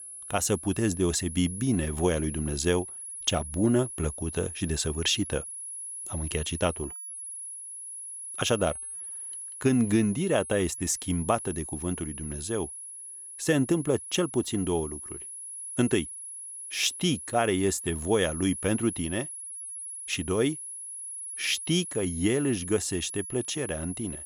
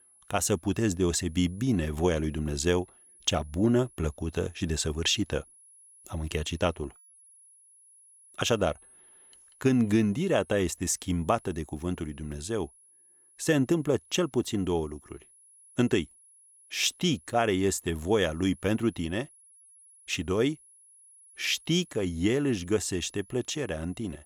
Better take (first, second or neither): second